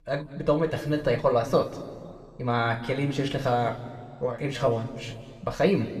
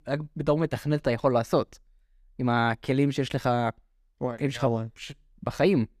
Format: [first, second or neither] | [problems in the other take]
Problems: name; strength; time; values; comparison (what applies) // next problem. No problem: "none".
second | room echo; slight; dies away in 1.6 s // off-mic speech; somewhat distant